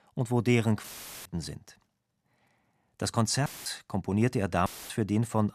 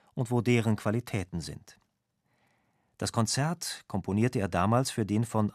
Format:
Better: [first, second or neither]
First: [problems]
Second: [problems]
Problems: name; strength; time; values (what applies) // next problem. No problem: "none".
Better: second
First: audio cutting out; filled with static; at 1 s, at 3.5 s and at 4.5 s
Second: none